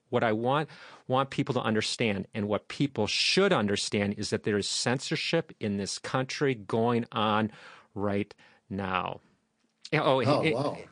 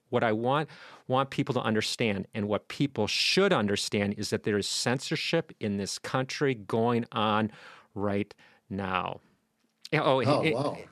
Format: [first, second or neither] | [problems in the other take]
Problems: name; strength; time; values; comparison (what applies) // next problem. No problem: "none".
second | garbled, watery; slightly; nothing above 9 kHz